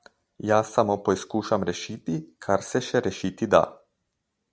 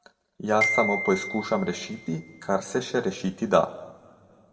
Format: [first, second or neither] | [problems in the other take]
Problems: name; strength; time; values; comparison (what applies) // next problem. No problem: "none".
first | background sound (Glockenspiel); 6 dB below the speech // room echo; dies away in 1.3 s